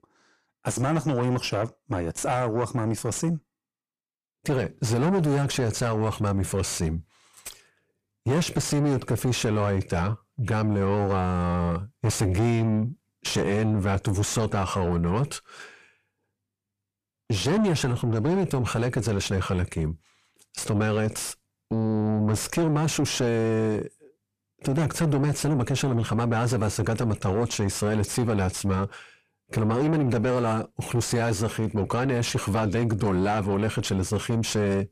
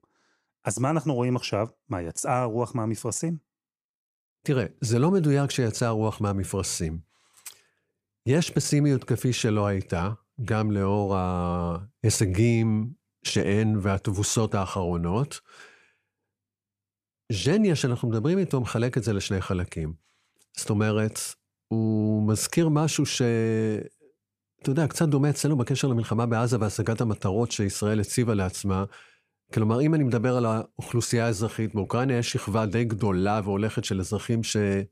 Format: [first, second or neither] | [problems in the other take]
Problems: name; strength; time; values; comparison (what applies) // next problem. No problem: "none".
second | distortion; heavy; 6 dB below the speech